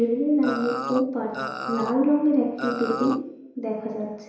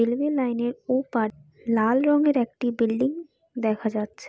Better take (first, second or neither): second